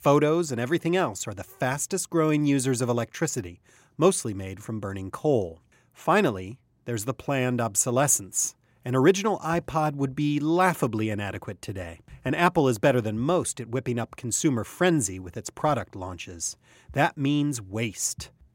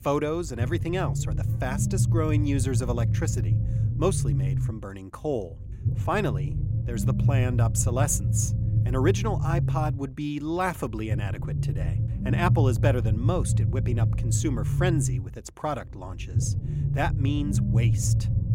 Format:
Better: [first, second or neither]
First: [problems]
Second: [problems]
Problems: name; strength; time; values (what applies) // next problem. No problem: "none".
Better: first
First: none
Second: low rumble; loud; throughout; 7 dB below the speech